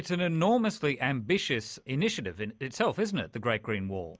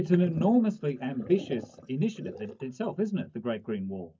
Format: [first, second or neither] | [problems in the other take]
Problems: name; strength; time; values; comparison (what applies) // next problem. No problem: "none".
first | noise reduction (neural mask model DeepFilterNet 3)